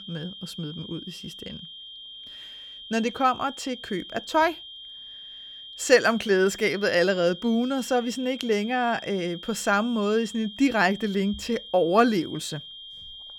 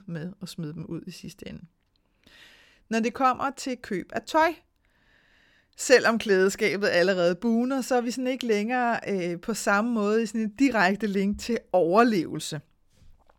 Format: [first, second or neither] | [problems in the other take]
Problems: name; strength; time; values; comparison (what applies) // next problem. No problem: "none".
second | high-pitched whine; noticeable; throughout; 3 kHz, 15 dB below the speech